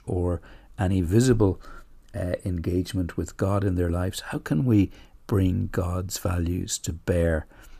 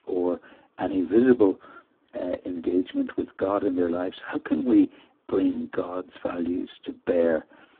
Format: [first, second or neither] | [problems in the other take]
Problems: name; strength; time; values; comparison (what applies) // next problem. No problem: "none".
first | phone-call audio; poor line; nothing above 3.5 kHz